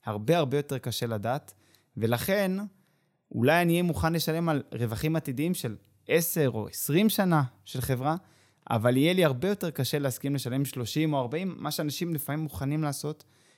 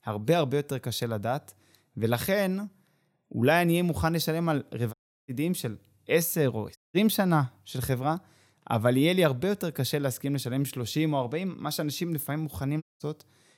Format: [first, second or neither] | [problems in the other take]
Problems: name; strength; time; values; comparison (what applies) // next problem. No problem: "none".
first | audio cutting out; at 5 s, at 7 s and at 13 s